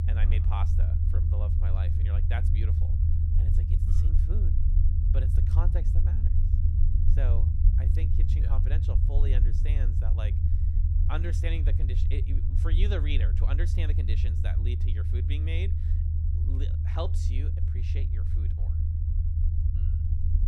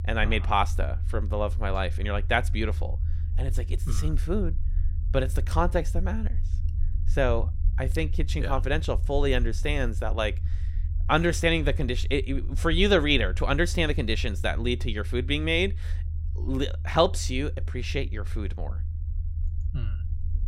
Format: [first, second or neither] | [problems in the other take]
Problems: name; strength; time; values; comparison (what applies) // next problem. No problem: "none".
second | low rumble; loud; throughout; 2 dB below the speech; faint in the second